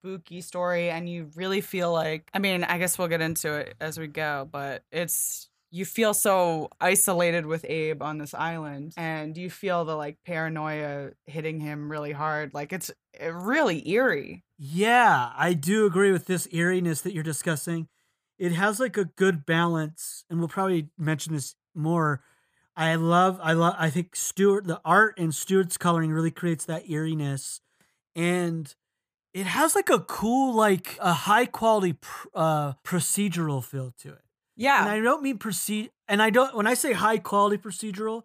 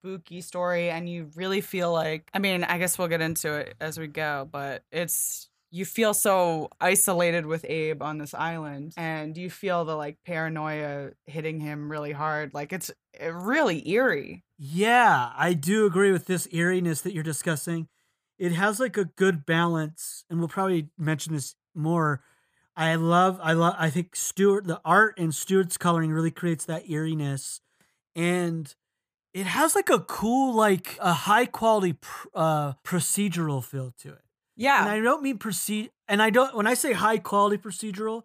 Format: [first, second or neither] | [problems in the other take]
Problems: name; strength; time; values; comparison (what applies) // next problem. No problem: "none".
neither | none